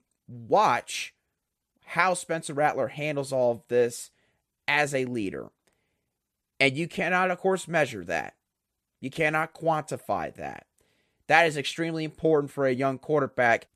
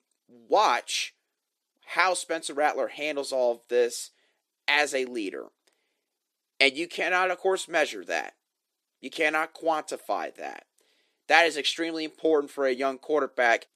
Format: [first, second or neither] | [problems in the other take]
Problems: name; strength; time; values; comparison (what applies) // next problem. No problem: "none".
first | thin; very slightly; fading below 300 Hz